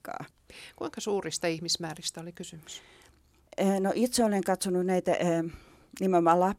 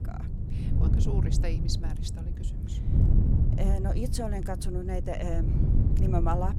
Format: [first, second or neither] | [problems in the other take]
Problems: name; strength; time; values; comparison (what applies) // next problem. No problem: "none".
first | wind noise on the microphone; heavy; 4 dB below the speech